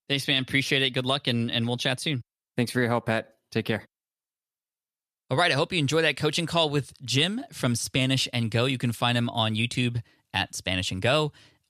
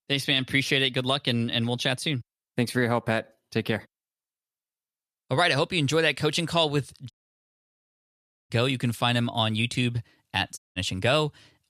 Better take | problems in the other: first | audio cutting out; at 7 s for 1.5 s and at 11 s

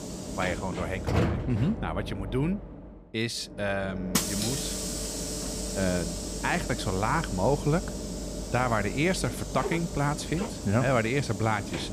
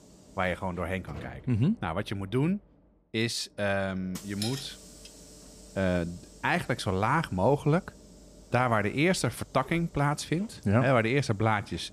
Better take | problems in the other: second | hiss; loud; throughout; 4 dB below the speech; faint in the second

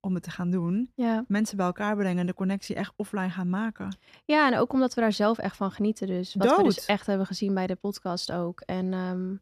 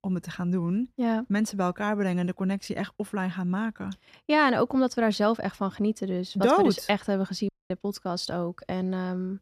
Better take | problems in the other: first | audio cutting out; at 7.5 s

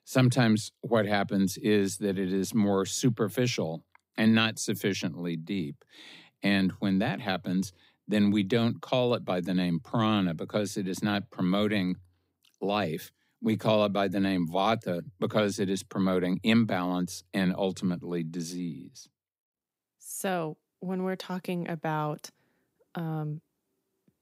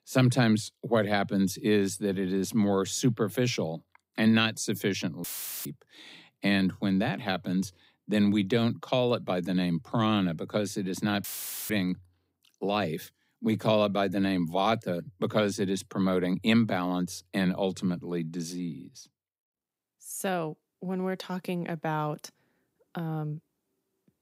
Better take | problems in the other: first | audio cutting out; filled with static; at 5 s and at 11 s

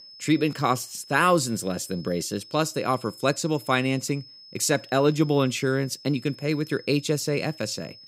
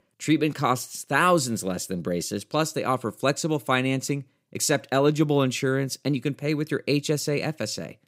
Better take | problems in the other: second | high-pitched whine; noticeable; throughout; 5 kHz, 20 dB below the speech

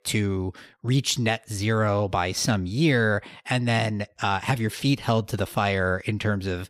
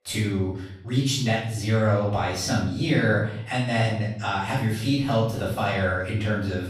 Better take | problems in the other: first | off-mic speech; far // room echo; noticeable; dies away in 0.6 s

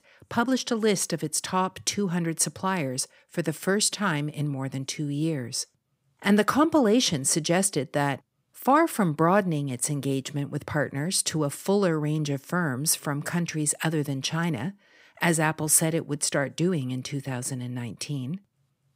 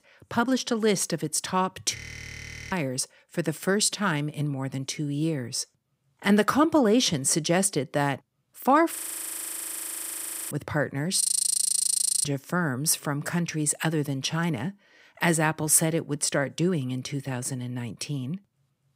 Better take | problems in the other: first | audio freezing; at 2 s for 1 s, at 9 s for 1.5 s and at 11 s for 1 s

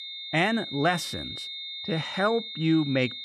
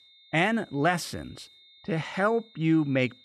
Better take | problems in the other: second | high-pitched whine; loud; throughout; 3.5 kHz, 8 dB below the speech; faint in the second

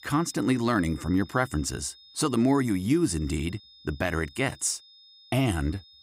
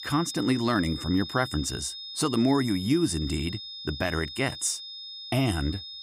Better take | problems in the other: first | high-pitched whine; loud; throughout; 3.5 kHz, 9 dB below the speech; faint in the first

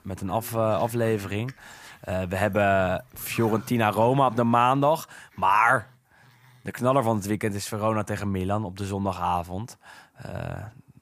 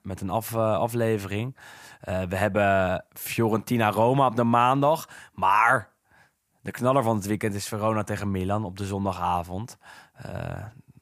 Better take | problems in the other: second | animal sounds; faint; throughout; 25 dB below the speech

